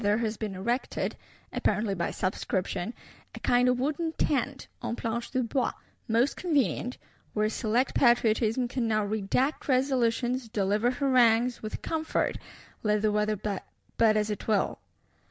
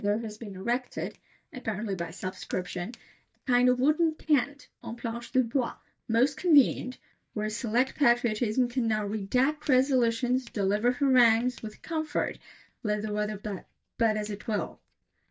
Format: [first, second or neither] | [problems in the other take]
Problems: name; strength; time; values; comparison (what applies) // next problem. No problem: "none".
first | noise reduction (neural mask model DeepFilterNet 3)